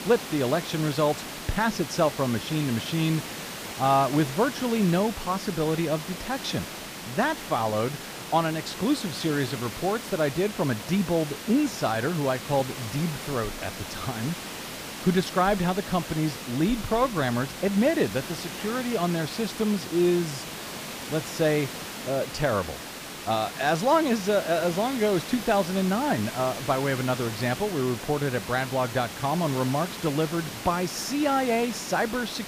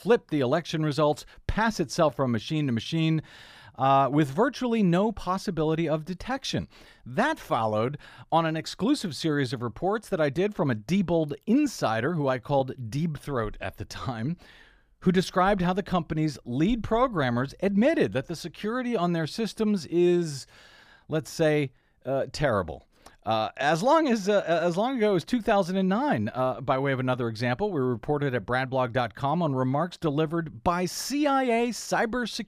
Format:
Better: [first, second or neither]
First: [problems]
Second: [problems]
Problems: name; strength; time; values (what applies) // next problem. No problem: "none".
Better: second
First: hiss; loud; throughout; 9 dB below the speech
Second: none